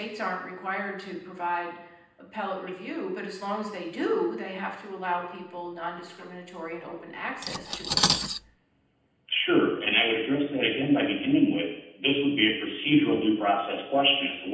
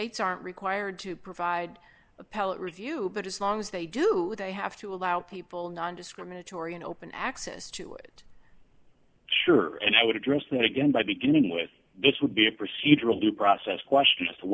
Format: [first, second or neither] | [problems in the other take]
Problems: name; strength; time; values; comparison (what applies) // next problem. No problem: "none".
second | background sound (Cutlery, silverware); 4 dB below the speech // room echo; dies away in 0.9 s